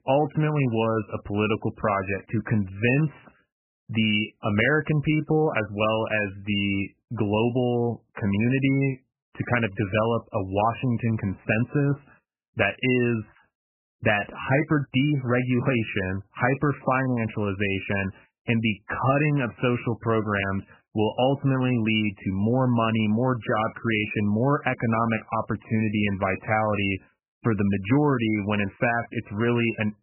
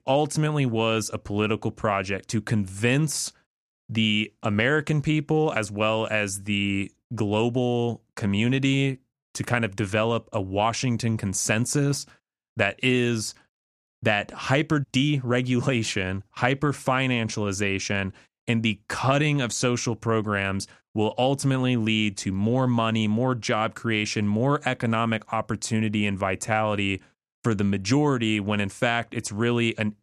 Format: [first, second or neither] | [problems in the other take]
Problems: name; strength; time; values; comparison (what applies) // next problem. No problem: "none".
second | garbled, watery; badly; nothing above 3 kHz